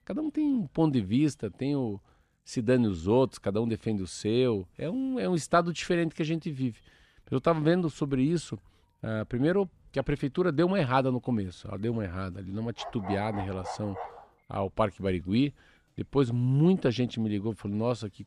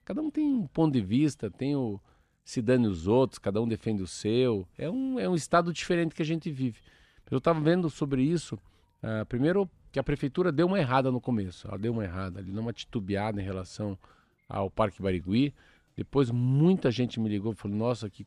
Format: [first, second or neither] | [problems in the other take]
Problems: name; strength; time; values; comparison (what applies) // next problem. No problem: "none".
second | dog barking; noticeable; from 13 to 14 s; peak 10 dB below the speech